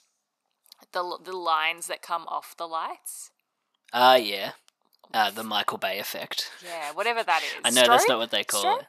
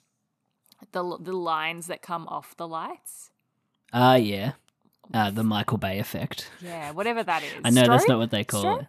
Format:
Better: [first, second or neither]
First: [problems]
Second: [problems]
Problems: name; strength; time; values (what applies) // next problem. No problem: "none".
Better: second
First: thin; very; fading below 550 Hz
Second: none